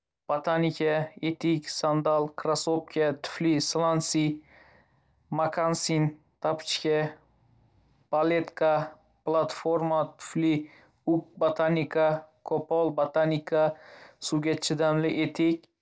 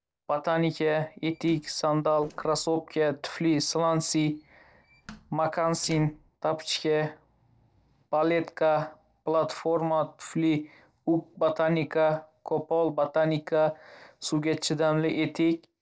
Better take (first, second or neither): first